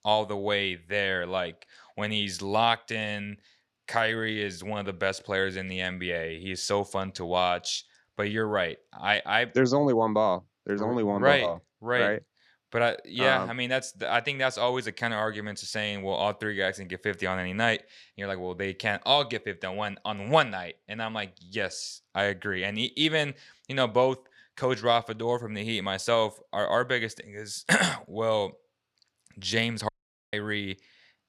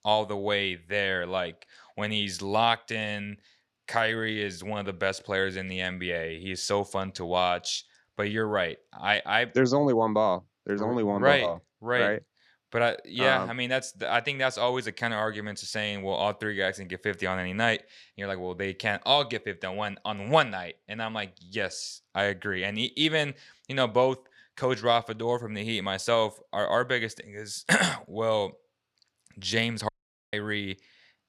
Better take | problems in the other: neither | audio cutting out; at 30 s; the same in both

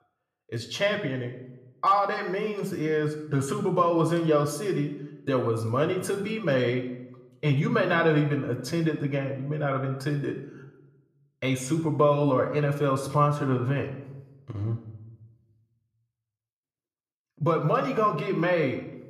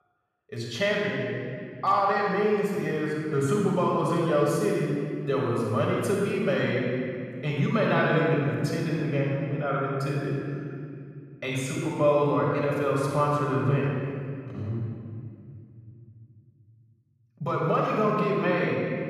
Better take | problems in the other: first | room echo; strong; dies away in 2.2 s; slight in the first // off-mic speech; far; somewhat distant in the first

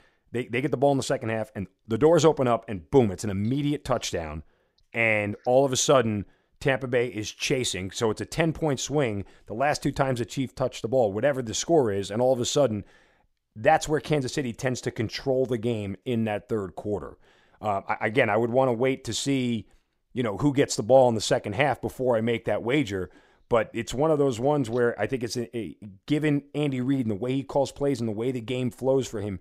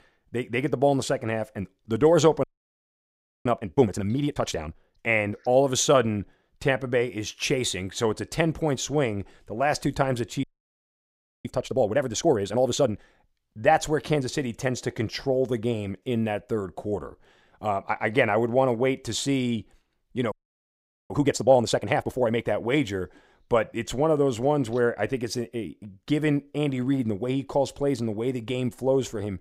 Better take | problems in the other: first | audio freezing; at 2.5 s for 1 s, at 10 s for 1 s and at 20 s for 1 s

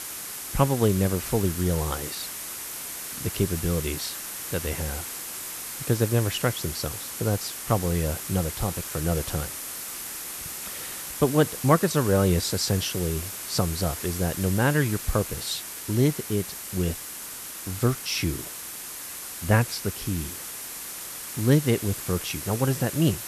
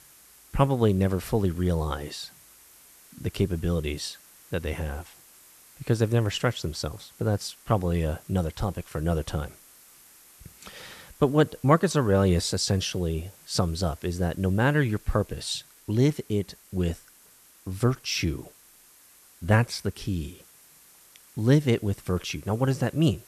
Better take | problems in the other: second | hiss; loud; throughout; 7 dB below the speech; faint in the second

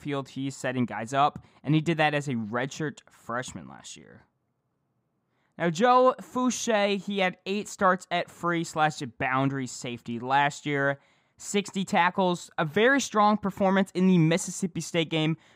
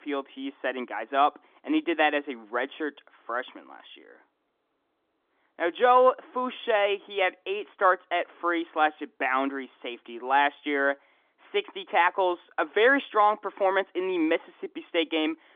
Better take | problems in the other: first | phone-call audio; nothing above 3.5 kHz

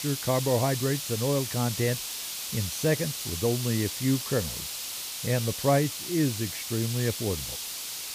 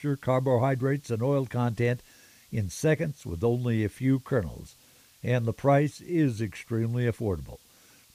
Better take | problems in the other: second | hiss; loud; throughout; 4 dB below the speech; faint in the second

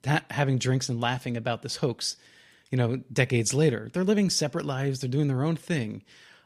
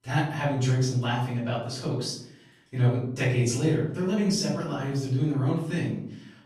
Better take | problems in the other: first | off-mic speech; far // room echo; noticeable; dies away in 0.6 s

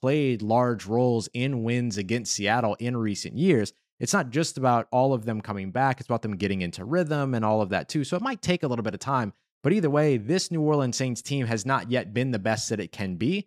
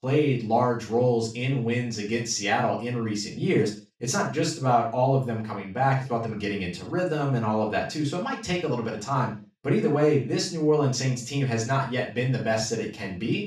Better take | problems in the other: first | room echo; slight; dies away in 0.3 s // off-mic speech; far

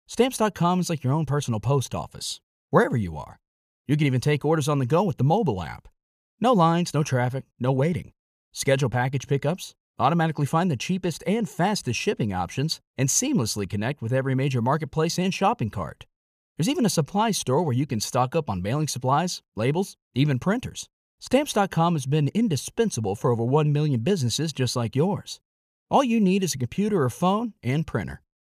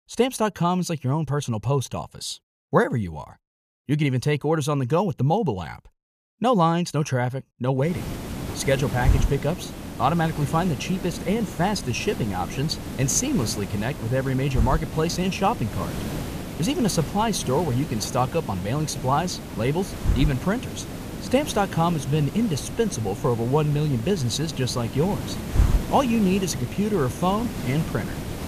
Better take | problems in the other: first | hiss; loud; from 8 s on; 7 dB below the speech

